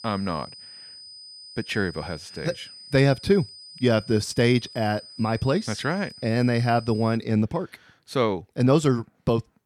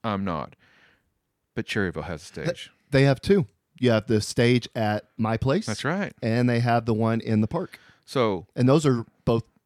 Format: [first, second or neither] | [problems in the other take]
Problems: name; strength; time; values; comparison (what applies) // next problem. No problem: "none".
second | high-pitched whine; noticeable; until 7 s; 5 kHz, 15 dB below the speech